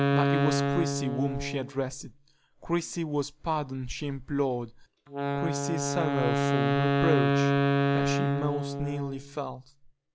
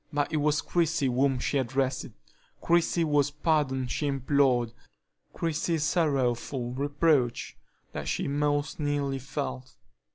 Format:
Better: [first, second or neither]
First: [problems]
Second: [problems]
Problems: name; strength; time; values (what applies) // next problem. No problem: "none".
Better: second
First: background sound (Wind instrument, woodwind instrument); 3 dB above the speech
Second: none